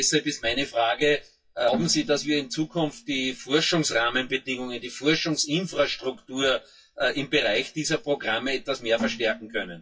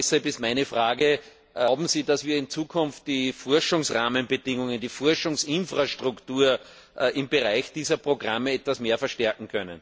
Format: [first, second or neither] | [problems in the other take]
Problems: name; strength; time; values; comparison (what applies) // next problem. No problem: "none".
second | noise reduction (classical method WPE with log-MMSE)